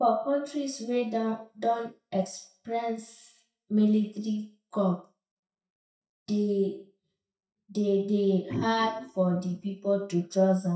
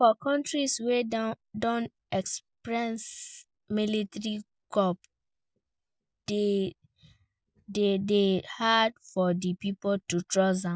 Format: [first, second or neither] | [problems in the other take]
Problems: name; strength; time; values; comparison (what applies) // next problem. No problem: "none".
second | noise reduction (neural mask model DeepFilterNet 3)